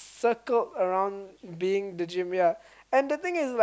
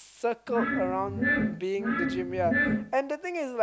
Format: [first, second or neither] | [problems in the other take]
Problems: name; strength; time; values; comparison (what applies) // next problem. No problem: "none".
first | background sound (Glass); 2 dB above the speech